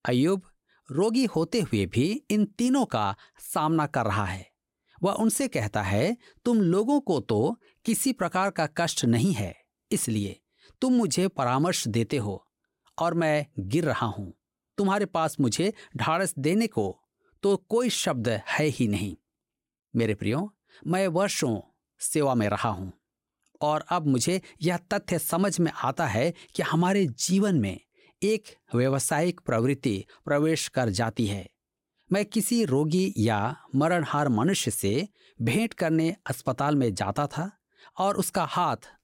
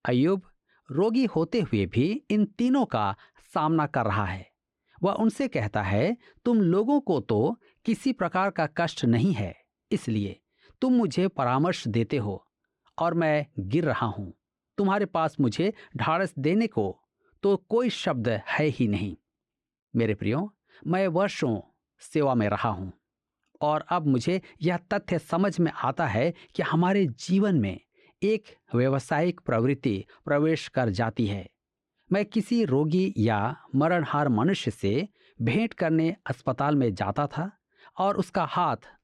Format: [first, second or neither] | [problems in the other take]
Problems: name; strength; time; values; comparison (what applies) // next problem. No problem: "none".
first | muffled; slightly; fading above 3 kHz